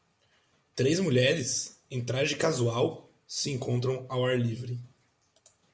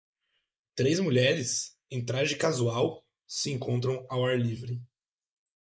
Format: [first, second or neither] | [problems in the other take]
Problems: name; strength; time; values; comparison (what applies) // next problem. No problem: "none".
first | noise reduction (neural mask model Resemble Enhance denoiser)